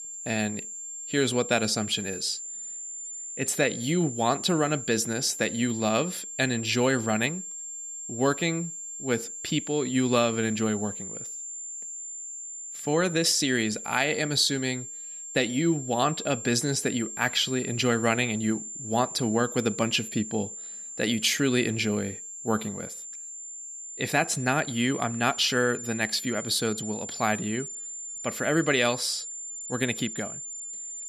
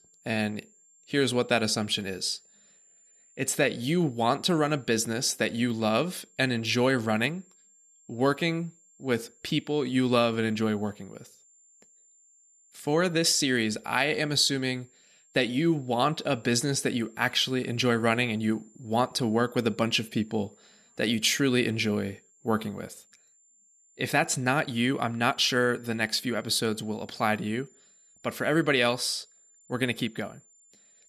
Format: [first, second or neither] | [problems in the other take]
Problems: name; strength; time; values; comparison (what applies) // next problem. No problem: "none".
second | high-pitched whine; loud; throughout; 7 kHz, 9 dB below the speech; faint in the second